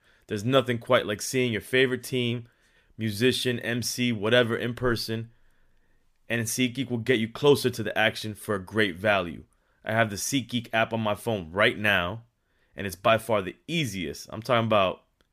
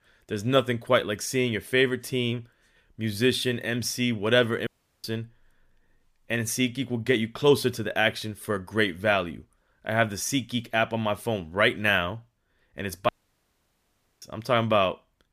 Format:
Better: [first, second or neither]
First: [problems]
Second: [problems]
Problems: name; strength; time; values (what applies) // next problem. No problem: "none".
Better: first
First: none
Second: audio cutting out; at 4.5 s and at 13 s for 1 s